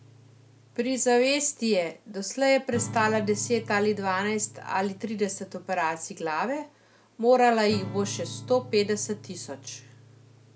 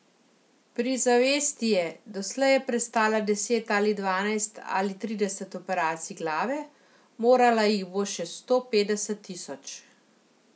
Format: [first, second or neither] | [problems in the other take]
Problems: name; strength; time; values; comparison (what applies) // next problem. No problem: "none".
second | background sound (Acoustic guitar / Strum); 16 dB below the speech